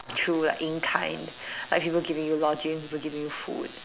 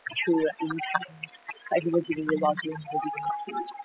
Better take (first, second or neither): first